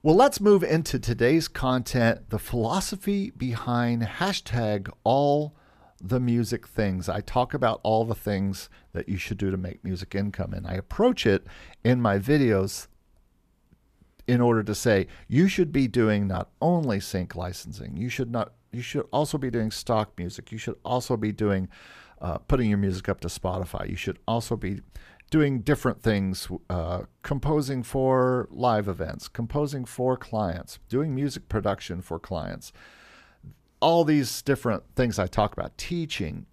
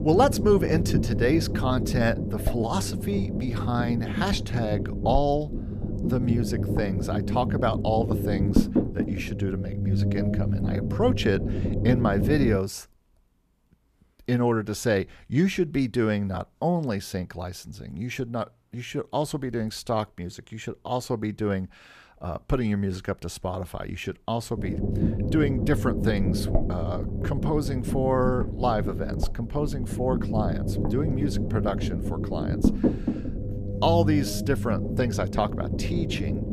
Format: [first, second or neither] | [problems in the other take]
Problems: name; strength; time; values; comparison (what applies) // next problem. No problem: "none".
first | low rumble; loud; until 13 s and from 25 s on; 6 dB below the speech